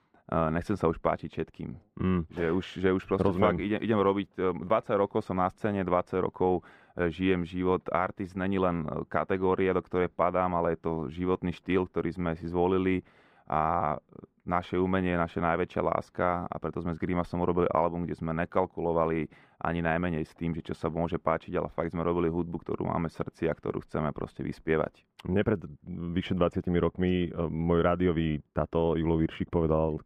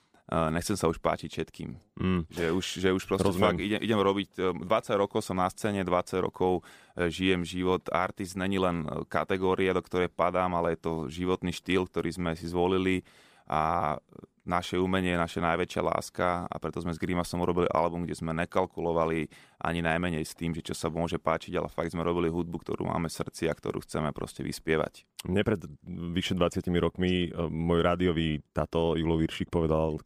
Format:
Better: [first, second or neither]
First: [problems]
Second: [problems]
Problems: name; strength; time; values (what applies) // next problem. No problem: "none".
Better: second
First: muffled; very; fading above 3.5 kHz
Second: none